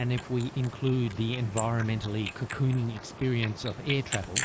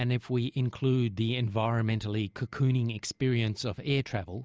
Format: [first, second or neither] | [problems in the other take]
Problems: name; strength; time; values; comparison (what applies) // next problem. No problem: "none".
second | noise reduction (neural mask model Resemble Enhance denoiser)